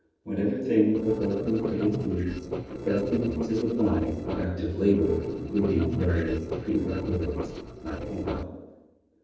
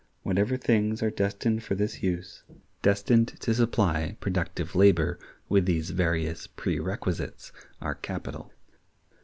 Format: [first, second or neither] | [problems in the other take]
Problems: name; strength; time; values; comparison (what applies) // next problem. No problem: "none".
second | noise reduction (neural separator model SepFormer DNS4)